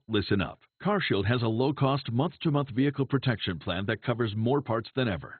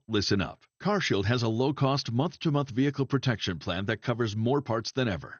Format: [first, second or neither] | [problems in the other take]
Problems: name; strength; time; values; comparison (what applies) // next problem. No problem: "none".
second | garbled, watery; badly; nothing above 4 kHz; slightly in the second